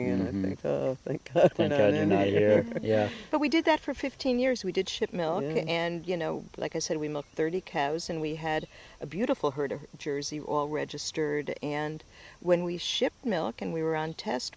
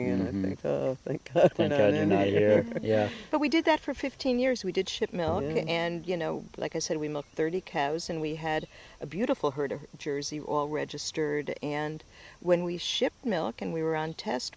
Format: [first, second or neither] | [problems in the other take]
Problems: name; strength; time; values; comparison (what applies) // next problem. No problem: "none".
first | background sound (Bowed string instrument); 17 dB below the speech